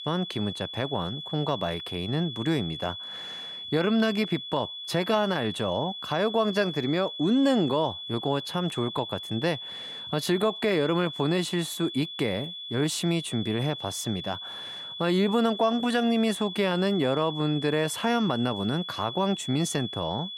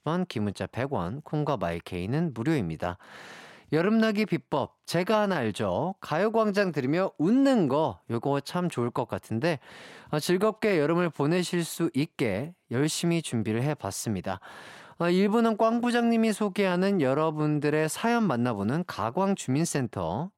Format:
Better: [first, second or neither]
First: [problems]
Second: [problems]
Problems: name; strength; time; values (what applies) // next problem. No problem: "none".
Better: second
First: high-pitched whine; loud; throughout; 3.5 kHz, 8 dB below the speech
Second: none